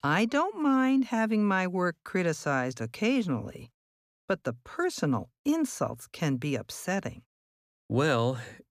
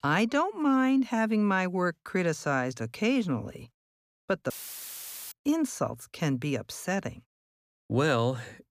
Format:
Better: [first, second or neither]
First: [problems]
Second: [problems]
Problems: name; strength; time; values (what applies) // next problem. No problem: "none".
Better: first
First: none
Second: audio cutting out; filled with static; at 4.5 s for 1 s